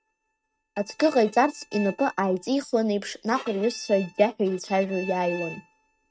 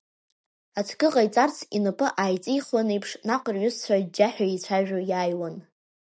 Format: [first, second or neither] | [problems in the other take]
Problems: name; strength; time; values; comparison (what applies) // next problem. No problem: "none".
second | noise reduction (neural mask model RNNoise)